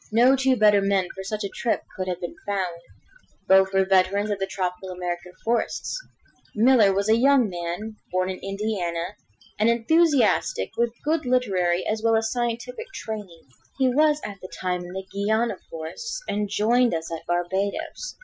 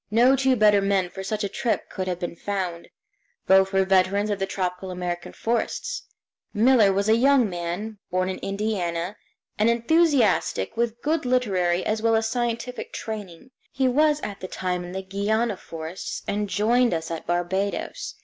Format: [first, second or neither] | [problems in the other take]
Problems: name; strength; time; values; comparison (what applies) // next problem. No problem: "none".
second | noise reduction (classical method Wiener filter)